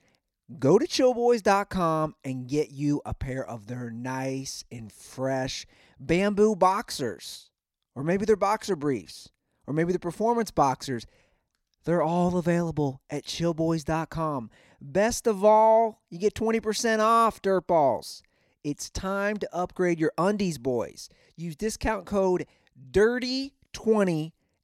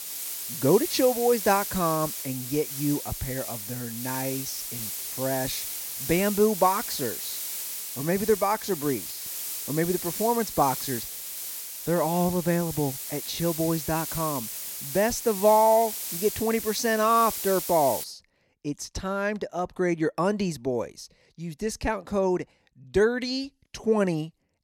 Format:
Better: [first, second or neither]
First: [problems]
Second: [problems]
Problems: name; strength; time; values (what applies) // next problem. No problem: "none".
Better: first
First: none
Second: hiss; loud; until 18 s; 5 dB below the speech